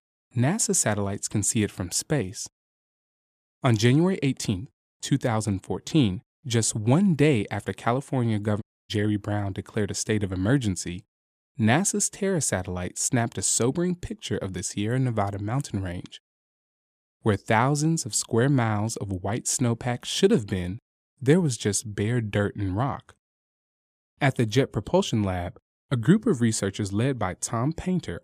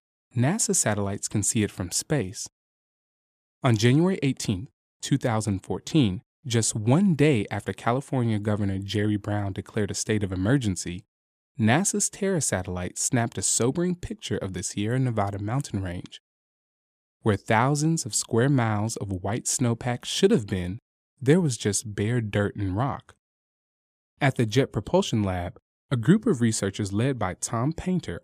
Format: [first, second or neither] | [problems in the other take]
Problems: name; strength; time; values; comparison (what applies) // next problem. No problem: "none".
second | audio cutting out; at 8.5 s